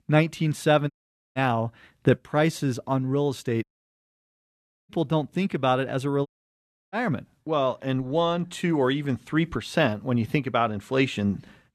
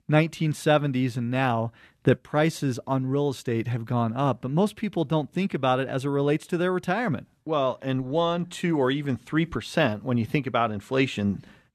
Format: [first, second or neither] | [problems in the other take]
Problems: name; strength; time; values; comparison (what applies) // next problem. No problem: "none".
second | audio cutting out; at 1 s, at 3.5 s for 1 s and at 6.5 s for 0.5 s